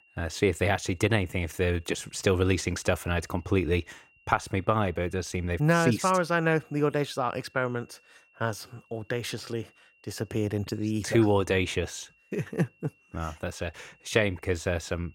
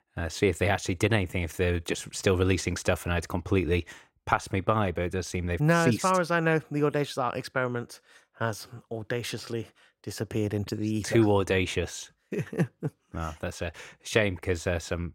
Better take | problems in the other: second | high-pitched whine; faint; throughout; 3 kHz, 30 dB below the speech

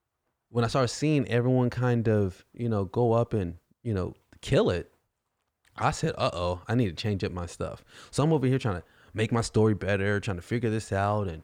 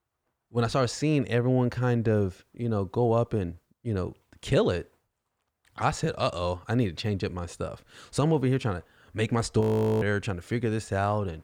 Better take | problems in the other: first | audio freezing; at 9.5 s

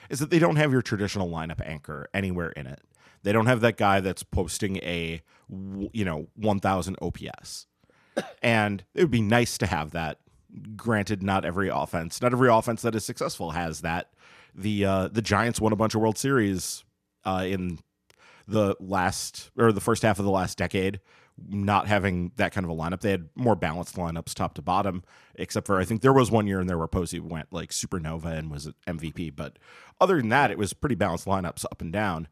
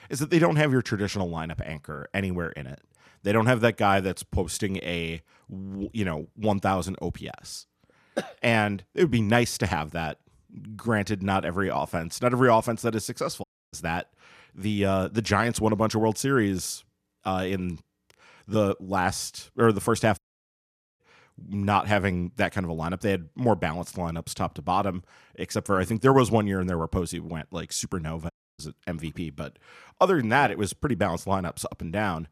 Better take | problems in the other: first | audio cutting out; at 13 s, at 20 s for 1 s and at 28 s

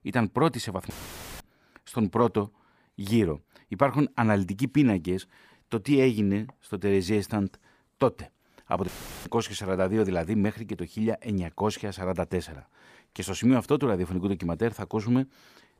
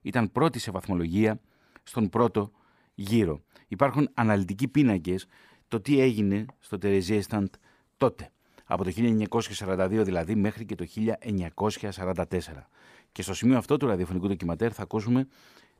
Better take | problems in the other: second | audio cutting out; filled with static; at 1 s for 0.5 s and at 9 s

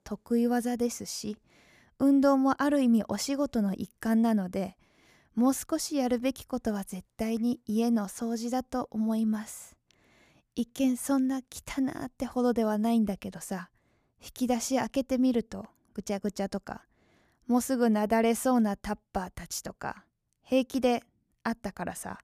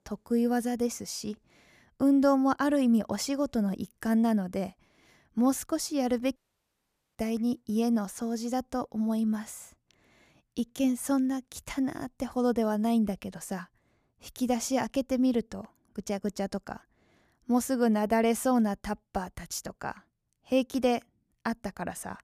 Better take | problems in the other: first | audio cutting out; at 6.5 s for 1 s

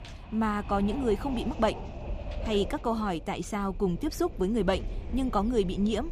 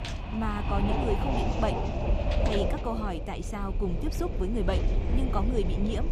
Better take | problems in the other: first | wind noise on the microphone; heavy; 1 dB below the speech; occasional gusts in the first

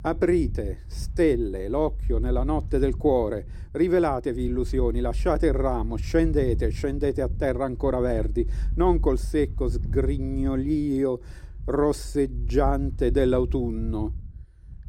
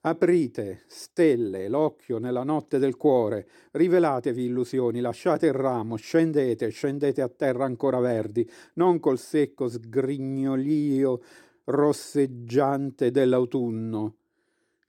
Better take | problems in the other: second | wind noise on the microphone; occasional gusts; 25 dB below the speech

